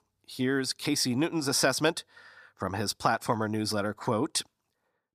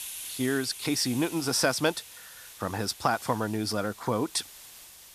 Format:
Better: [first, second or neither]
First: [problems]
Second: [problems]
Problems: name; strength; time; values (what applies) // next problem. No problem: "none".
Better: first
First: none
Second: hiss; noticeable; throughout; 15 dB below the speech